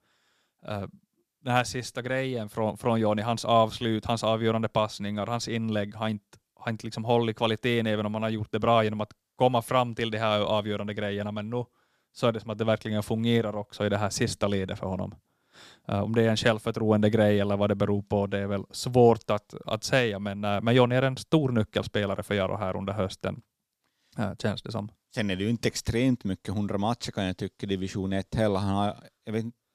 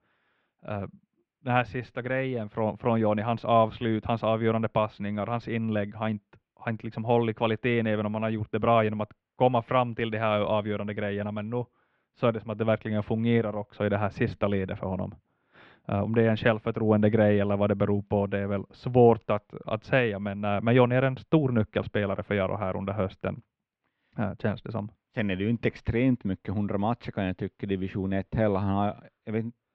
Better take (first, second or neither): first